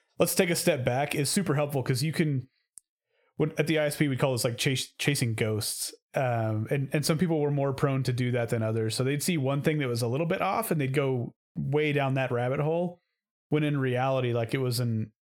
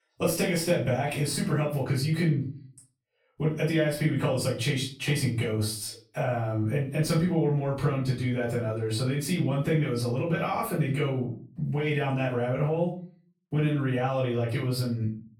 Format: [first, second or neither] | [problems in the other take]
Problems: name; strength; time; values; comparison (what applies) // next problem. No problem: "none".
first | room echo; slight; dies away in 0.4 s // off-mic speech; far